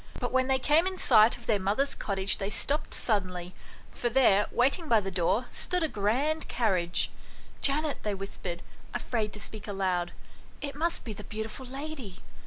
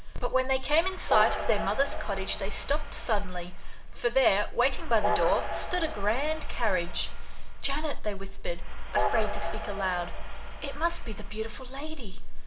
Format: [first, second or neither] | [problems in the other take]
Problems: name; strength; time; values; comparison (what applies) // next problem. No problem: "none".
first | background sound (Train); 10 dB below the speech // room echo; dies away in 0.5 s